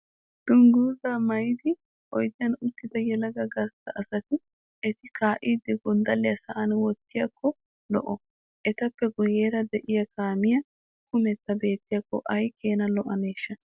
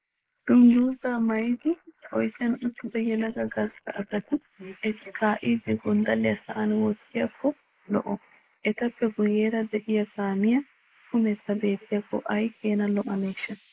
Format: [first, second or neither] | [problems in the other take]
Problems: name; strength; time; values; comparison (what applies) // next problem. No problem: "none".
first | noise reduction (neural mask model Resemble Enhance denoiser)